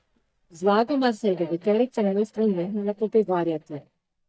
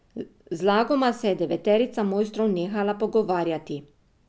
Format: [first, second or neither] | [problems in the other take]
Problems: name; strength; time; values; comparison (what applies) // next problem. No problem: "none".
second | noise reduction (neural mask model DeepFilterNet 3)